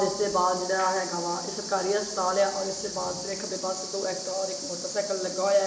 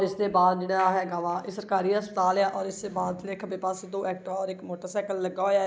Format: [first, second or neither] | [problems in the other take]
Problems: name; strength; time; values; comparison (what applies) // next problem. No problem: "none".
second | background sound (Cricket); 8 dB below the speech // room echo; dies away in 1.6 s